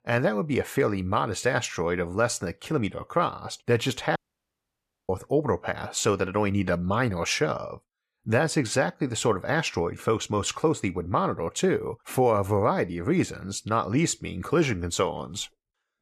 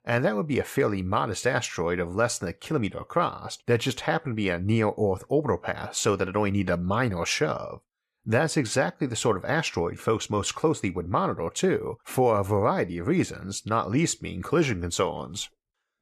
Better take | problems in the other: second | audio cutting out; at 4 s for 1 s

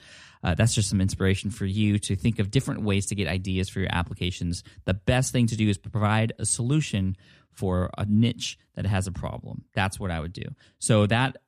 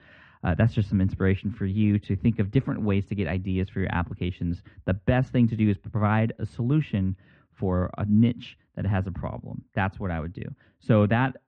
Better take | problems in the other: first | muffled; very; fading above 2 kHz

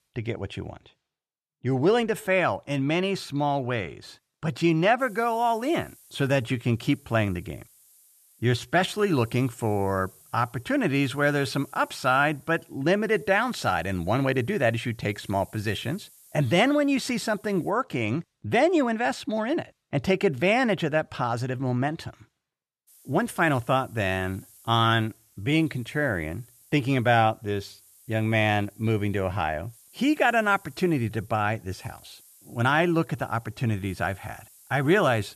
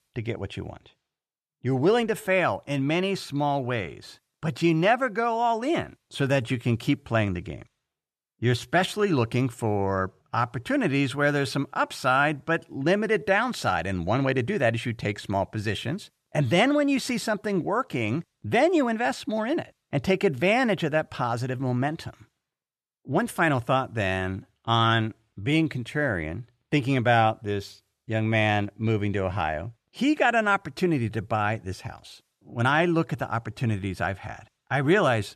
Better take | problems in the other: second | hiss; faint; from 5 to 18 s and from 23 s on; 25 dB below the speech

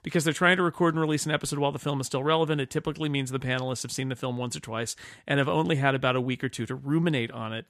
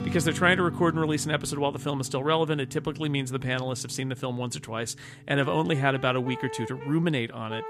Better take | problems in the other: first | background music; noticeable; throughout; 15 dB below the speech

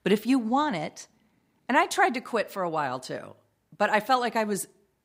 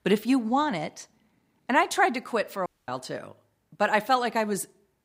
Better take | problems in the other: first | audio cutting out; at 2.5 s

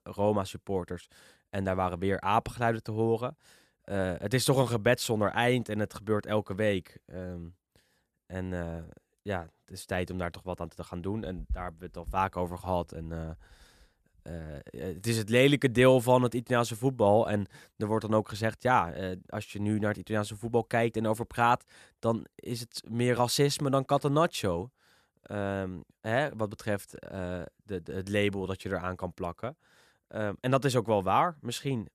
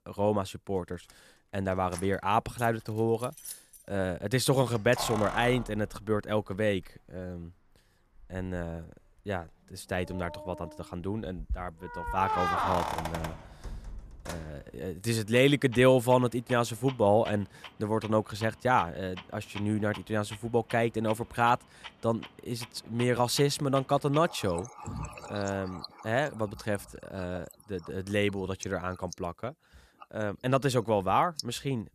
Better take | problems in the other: first | household noises; noticeable; throughout; 10 dB below the speech

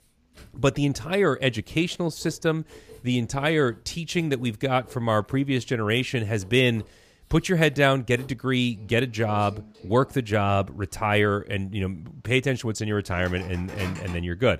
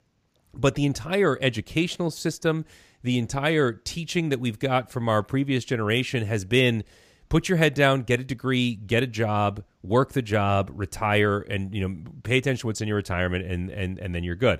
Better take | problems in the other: second | household noises; faint; throughout; 20 dB below the speech

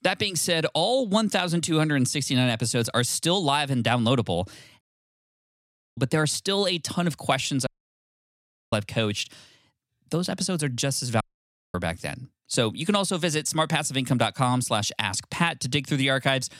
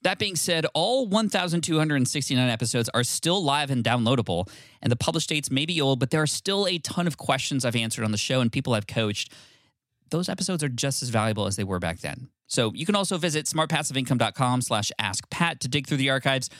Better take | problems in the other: second | audio cutting out; at 5 s for 1 s, at 7.5 s for 1 s and at 11 s for 0.5 s

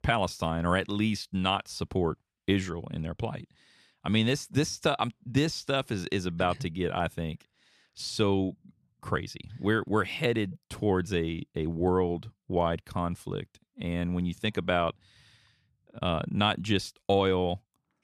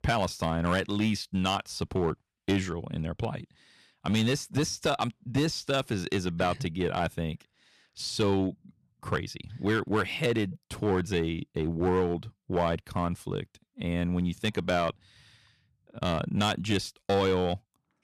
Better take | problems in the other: first | distortion; slight; 4% of the sound clipped

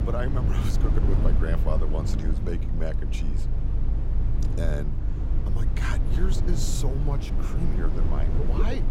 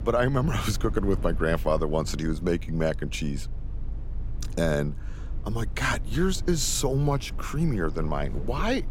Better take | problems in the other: second | low rumble; loud; throughout; 3 dB below the speech; faint in the second

